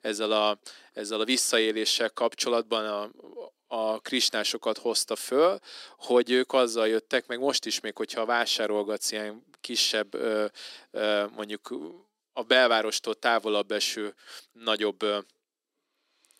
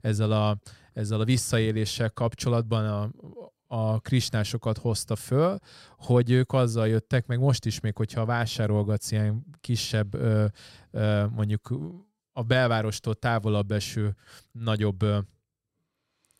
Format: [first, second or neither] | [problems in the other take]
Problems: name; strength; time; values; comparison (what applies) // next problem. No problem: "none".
second | thin; very; fading below 300 Hz